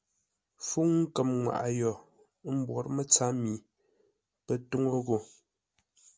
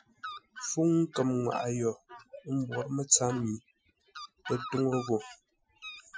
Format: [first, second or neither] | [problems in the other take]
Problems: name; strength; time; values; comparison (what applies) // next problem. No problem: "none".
first | noise reduction (classical method Wiener filter)